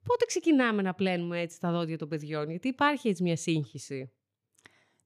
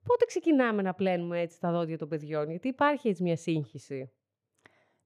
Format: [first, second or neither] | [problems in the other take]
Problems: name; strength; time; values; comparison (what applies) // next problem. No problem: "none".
first | muffled; slightly; fading above 3 kHz